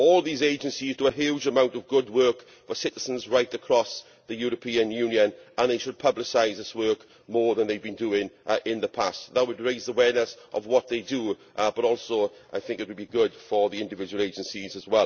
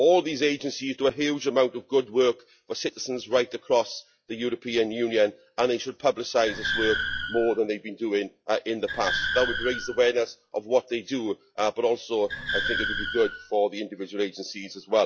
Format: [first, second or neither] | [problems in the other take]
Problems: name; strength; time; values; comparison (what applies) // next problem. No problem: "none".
first | noise reduction (classical method log-MMSE)